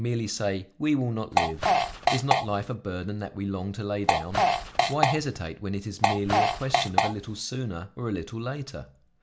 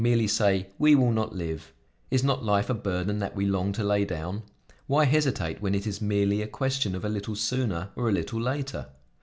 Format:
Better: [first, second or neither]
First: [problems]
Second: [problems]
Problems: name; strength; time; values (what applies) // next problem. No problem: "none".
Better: second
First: background sound (Fart); 5 dB above the speech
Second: none